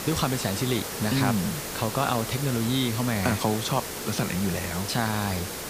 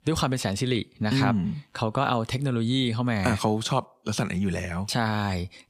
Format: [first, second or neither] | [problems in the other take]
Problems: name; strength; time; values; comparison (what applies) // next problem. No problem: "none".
second | hiss; loud; throughout; 5 dB below the speech